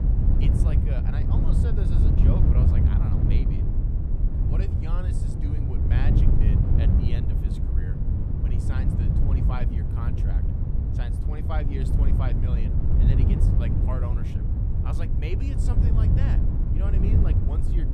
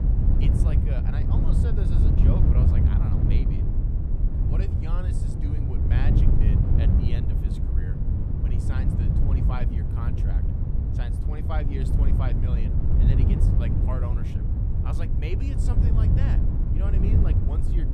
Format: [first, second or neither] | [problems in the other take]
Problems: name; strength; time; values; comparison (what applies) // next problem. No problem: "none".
neither | wind noise on the microphone; heavy; 4 dB above the speech; the same in both